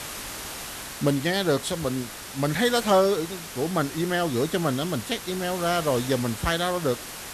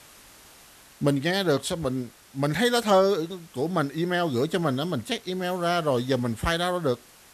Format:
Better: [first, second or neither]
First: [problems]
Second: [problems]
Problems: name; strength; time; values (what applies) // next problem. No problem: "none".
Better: second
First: hiss; loud; throughout; 10 dB below the speech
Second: hiss; faint; throughout; 25 dB below the speech